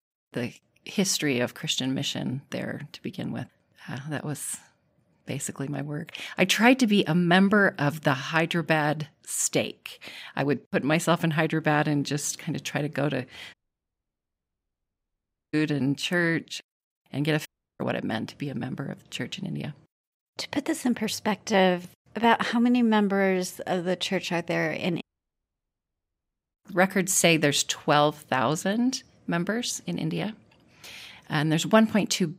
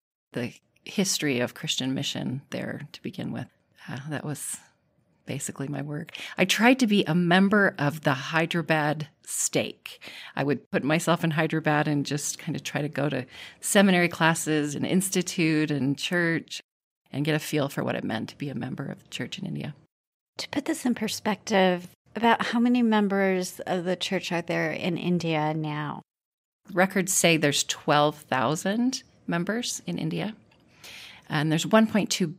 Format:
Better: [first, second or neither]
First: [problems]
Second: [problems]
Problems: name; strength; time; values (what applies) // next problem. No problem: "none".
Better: second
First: audio cutting out; at 14 s for 2 s, at 17 s and at 25 s for 1.5 s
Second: none